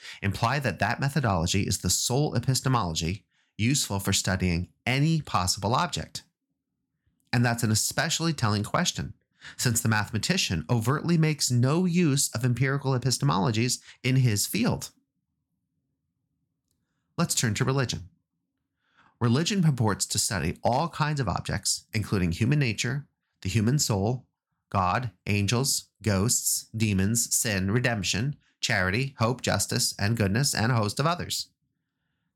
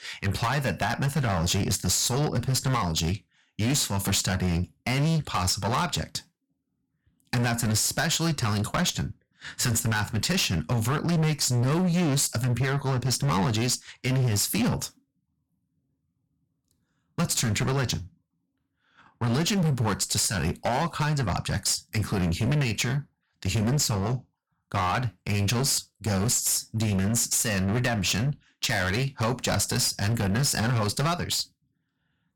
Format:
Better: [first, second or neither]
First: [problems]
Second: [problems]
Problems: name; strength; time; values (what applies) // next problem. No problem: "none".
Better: first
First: none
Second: distortion; heavy; 17% of the sound clipped